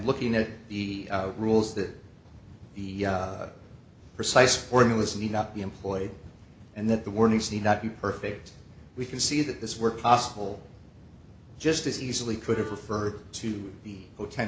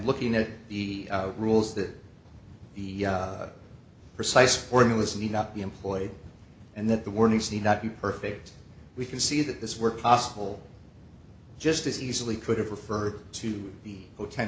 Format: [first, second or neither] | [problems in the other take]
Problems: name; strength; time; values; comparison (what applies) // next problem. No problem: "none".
second | background sound (Wind instrument, woodwind instrument); 20 dB below the speech